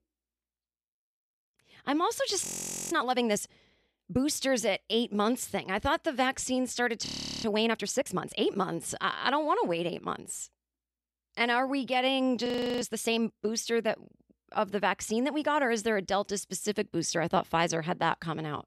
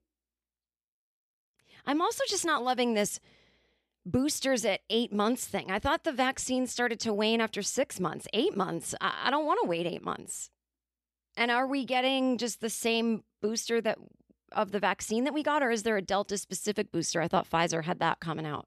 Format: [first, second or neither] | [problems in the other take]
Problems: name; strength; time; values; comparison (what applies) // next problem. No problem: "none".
second | audio freezing; at 2.5 s, at 7 s and at 12 s